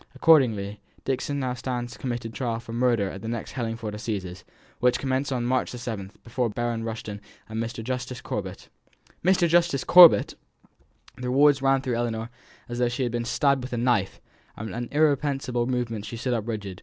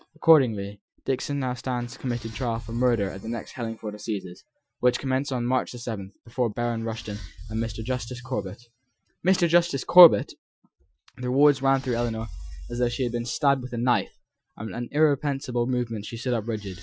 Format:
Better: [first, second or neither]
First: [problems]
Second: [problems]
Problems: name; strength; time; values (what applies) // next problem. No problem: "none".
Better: first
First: none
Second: noise reduction (classical method Wiener filter)